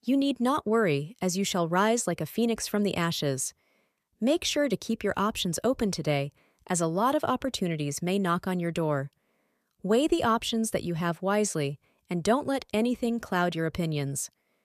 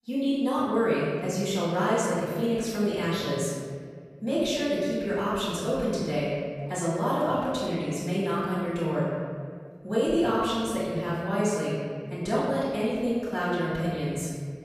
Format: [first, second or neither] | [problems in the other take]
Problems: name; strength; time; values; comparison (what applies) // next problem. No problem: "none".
first | off-mic speech; far // room echo; strong; dies away in 1.9 s